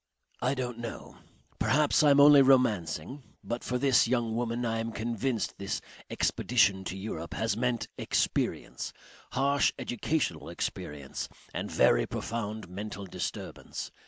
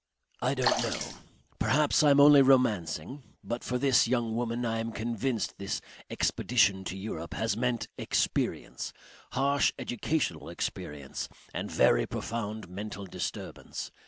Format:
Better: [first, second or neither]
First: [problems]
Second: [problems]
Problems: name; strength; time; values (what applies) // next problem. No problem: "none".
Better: first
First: none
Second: background sound (Sink (filling or washing) / Water / Splash, splatter); 2 dB below the speech